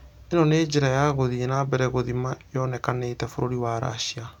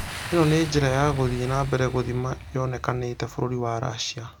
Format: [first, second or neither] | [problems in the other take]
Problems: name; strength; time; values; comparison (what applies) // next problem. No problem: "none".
first | background sound (Boom); 12 dB below the speech